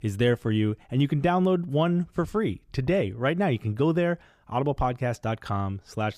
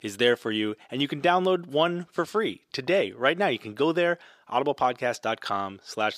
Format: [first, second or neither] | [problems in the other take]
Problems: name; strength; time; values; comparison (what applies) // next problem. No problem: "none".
first | thin; somewhat; fading below 350 Hz